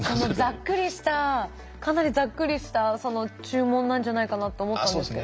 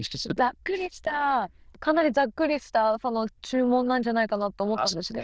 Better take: first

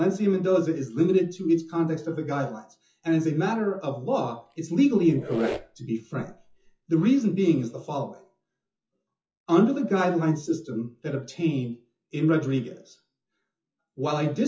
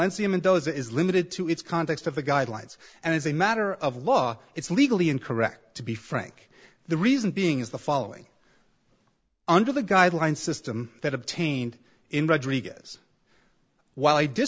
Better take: second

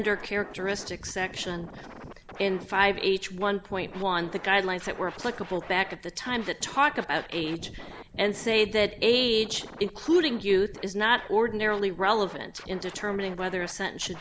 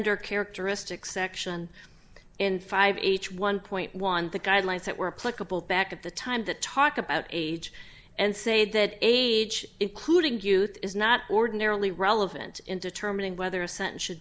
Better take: second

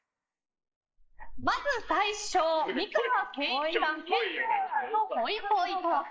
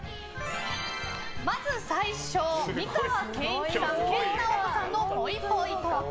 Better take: second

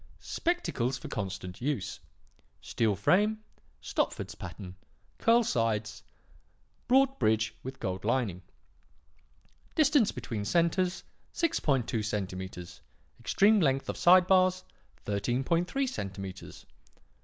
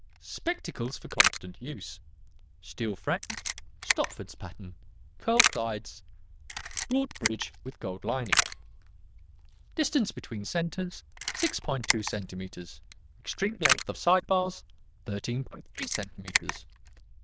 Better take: first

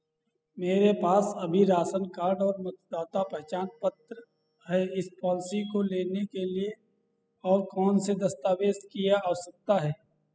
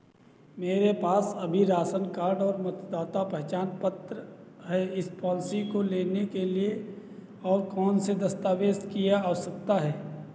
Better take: second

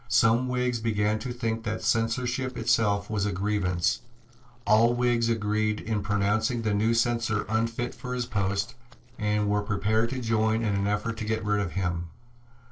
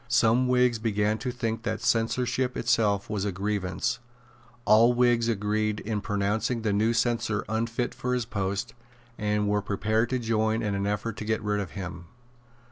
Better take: second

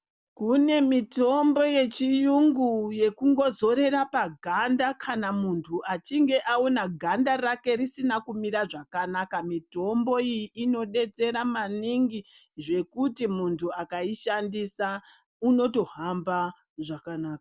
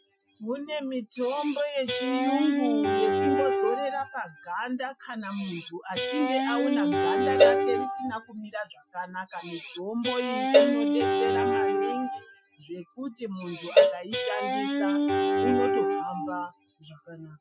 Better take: first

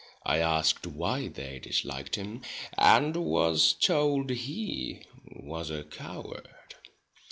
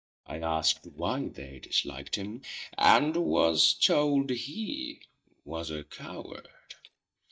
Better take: first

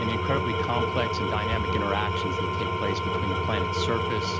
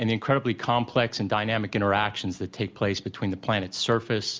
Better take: second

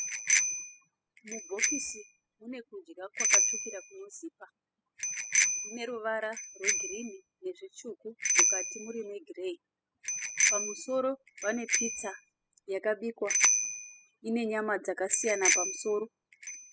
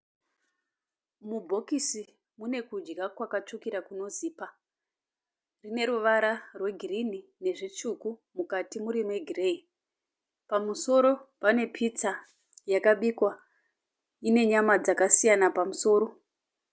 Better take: second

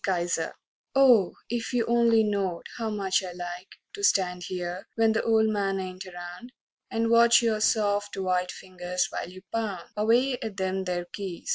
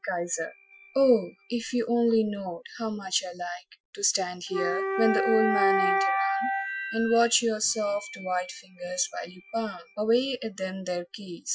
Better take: first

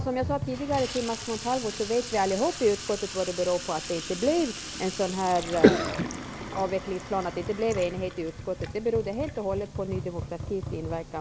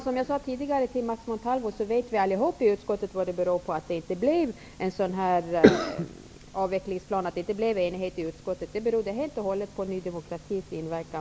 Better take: second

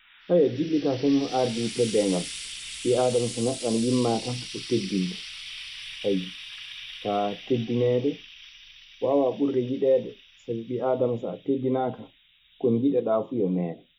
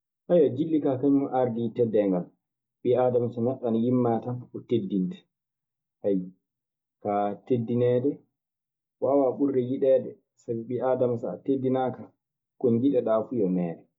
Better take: second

